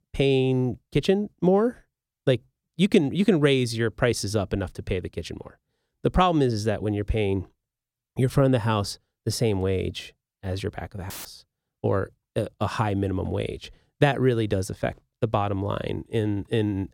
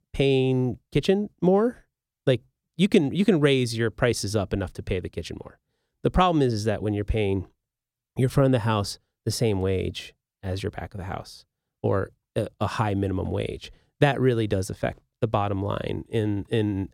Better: second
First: audio cutting out; filled with static; at 11 s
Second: none

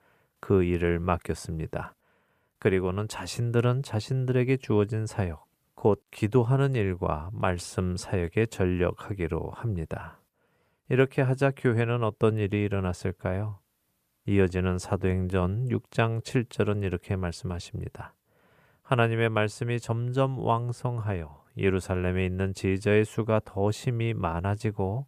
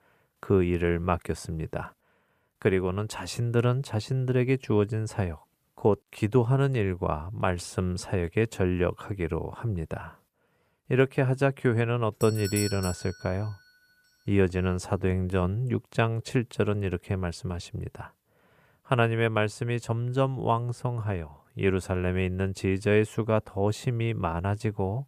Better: first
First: none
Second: doorbell; noticeable; at 12 s; peak 5 dB below the speech

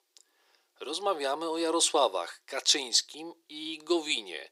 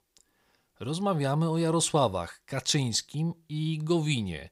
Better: second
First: thin; very; fading below 350 Hz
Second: none

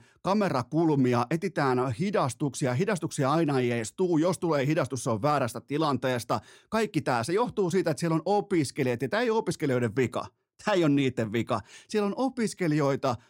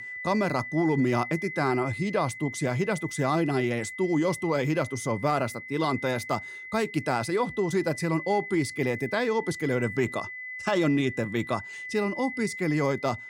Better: first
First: none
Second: high-pitched whine; loud; throughout; 2 kHz, 9 dB below the speech

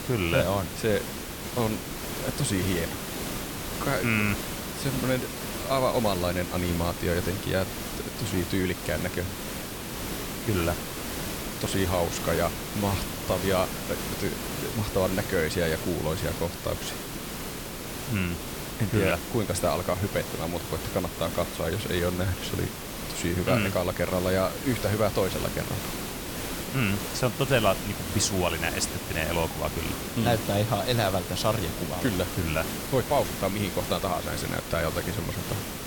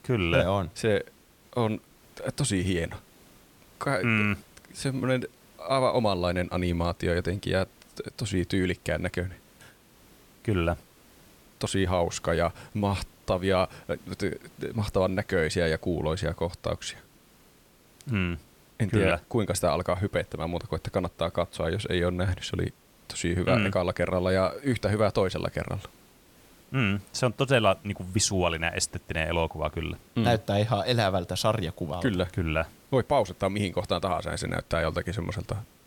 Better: second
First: hiss; loud; throughout; 5 dB below the speech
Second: hiss; faint; throughout; 30 dB below the speech

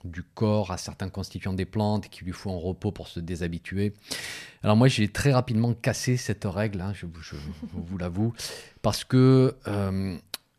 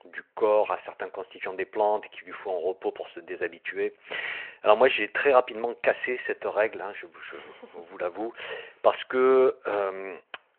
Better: first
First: none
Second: phone-call audio

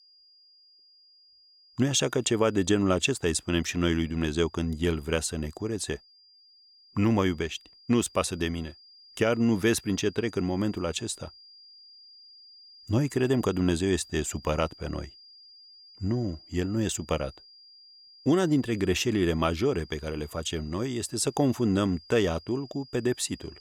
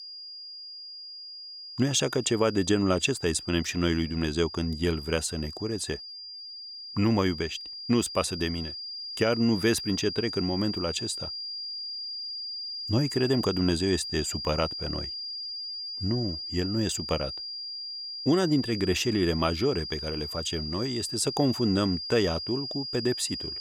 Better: first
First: high-pitched whine; faint; throughout; 5 kHz, 25 dB below the speech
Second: high-pitched whine; loud; throughout; 5 kHz, 7 dB below the speech

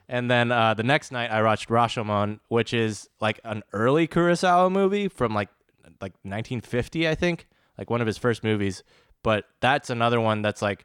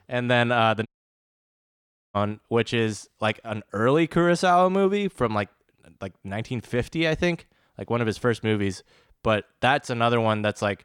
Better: first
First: none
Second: audio cutting out; at 1 s for 1.5 s

